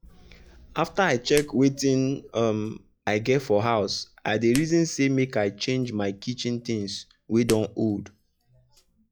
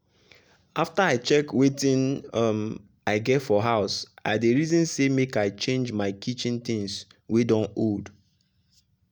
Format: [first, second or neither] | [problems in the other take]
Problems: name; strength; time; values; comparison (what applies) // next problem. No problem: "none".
second | noise reduction (classical method log-MMSE)